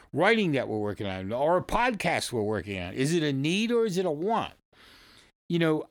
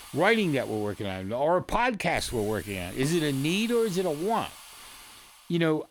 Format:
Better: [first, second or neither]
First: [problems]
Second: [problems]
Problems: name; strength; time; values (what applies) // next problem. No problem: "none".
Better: first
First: none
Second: hiss; noticeable; throughout; 15 dB below the speech